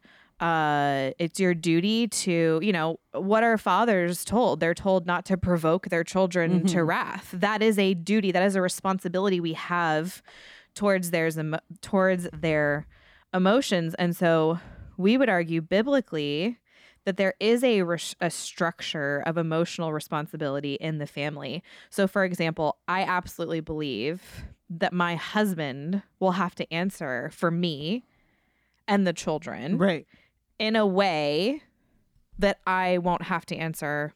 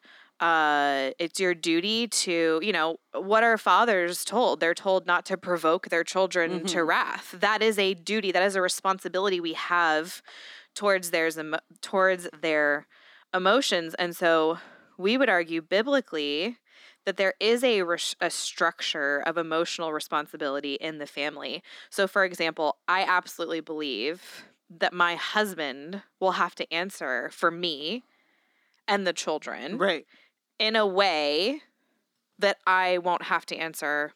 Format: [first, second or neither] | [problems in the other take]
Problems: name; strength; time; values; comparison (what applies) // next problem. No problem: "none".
first | thin; somewhat; fading below 250 Hz